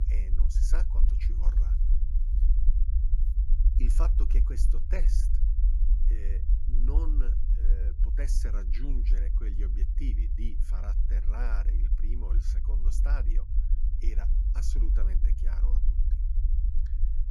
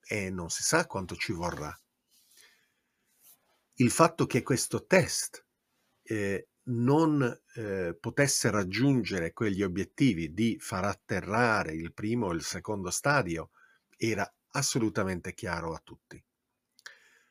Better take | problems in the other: second | low rumble; loud; throughout; 5 dB below the speech

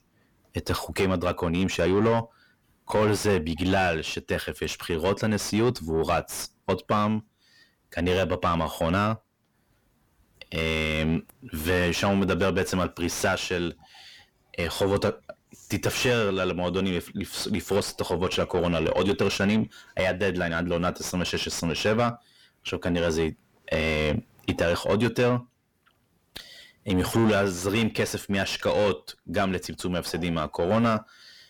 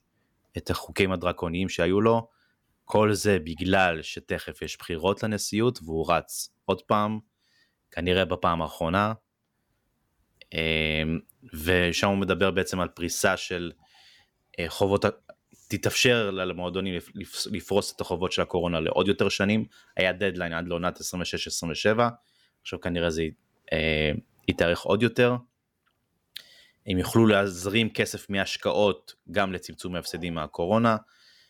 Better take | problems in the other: second | distortion; heavy; 7 dB below the speech

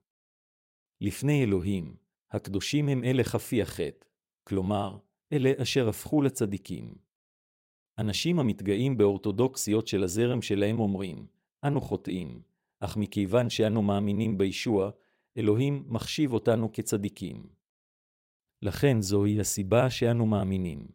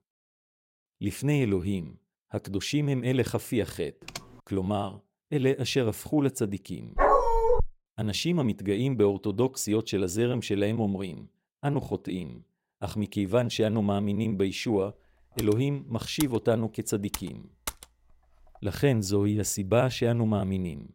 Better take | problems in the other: first | keyboard typing; faint; at 4 s; peak 15 dB below the speech // dog barking; loud; at 7 s; peak 6 dB above the speech // keyboard typing; noticeable; from 15 to 18 s; peak 9 dB below the speech

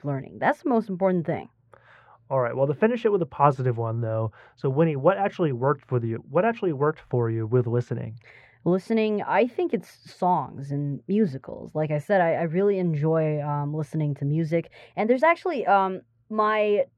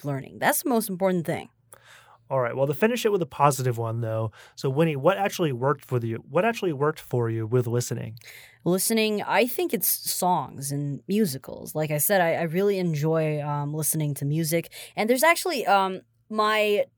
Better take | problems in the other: second | muffled; very; fading above 1.5 kHz

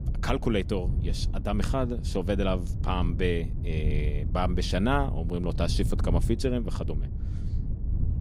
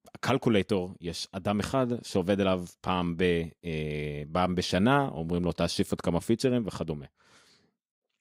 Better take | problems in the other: second | wind noise on the microphone; occasional gusts; 15 dB below the speech

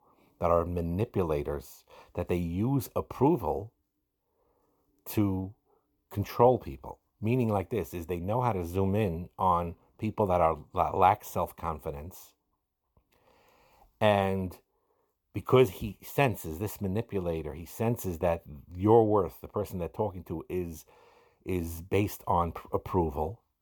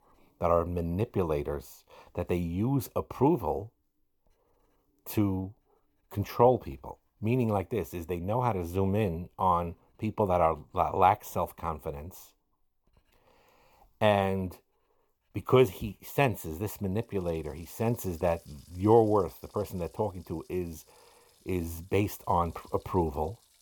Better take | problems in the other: first | household noises; faint; throughout; 30 dB below the speech

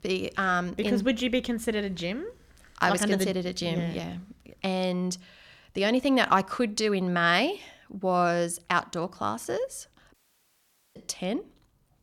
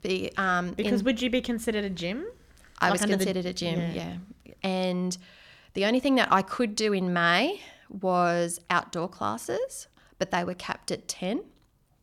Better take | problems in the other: second | audio cutting out; at 10 s for 1 s

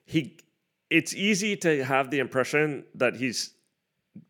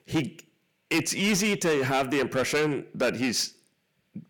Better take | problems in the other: first | distortion; heavy; 6 dB below the speech

